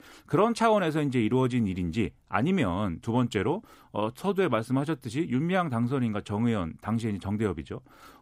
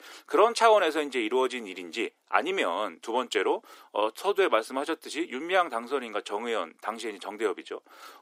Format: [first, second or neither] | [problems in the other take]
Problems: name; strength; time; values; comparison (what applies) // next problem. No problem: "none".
first | thin; very; fading below 350 Hz